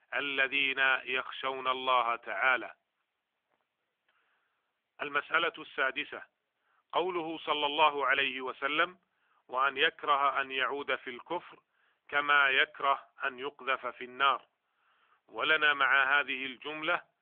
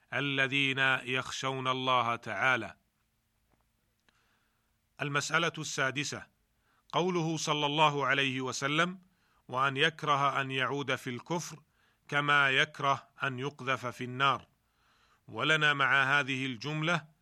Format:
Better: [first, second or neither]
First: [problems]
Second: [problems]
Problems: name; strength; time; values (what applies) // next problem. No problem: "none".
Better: second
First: phone-call audio; nothing above 3.5 kHz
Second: none